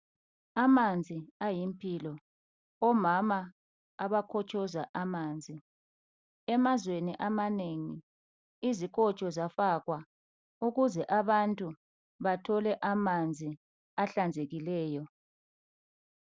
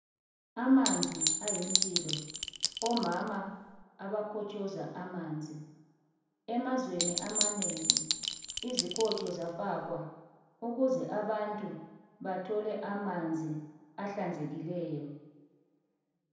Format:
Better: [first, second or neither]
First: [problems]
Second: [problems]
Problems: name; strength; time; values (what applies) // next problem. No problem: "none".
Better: first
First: none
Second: background sound (Chink, clink); 2 dB above the speech // room echo; dies away in 0.8 s